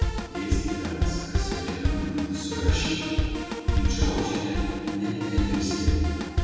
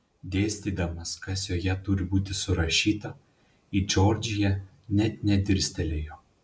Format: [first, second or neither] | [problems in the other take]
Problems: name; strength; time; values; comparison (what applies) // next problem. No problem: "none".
second | background sound (Drum kit); 2 dB above the speech // room echo; dies away in 2.1 s